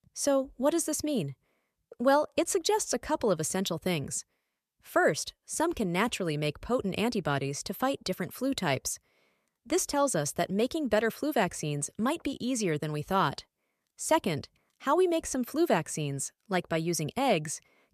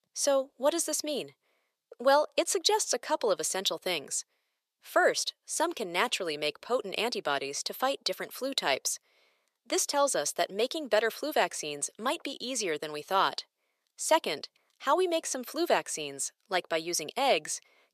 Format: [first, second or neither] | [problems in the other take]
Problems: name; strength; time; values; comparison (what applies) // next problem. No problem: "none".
first | thin; somewhat; fading below 500 Hz